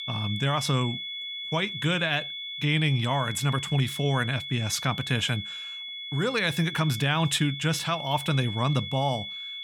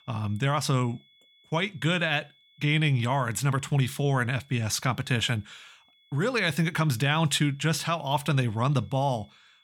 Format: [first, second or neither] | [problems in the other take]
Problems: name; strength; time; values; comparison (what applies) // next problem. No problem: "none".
second | high-pitched whine; loud; throughout; 3.5 kHz, 7 dB below the speech; faint in the second